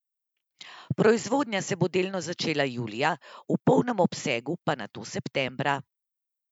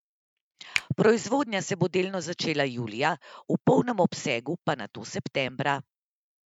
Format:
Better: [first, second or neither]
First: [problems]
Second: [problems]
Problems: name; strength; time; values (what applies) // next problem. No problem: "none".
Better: first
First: none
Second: noise reduction (neural mask model RNNoise)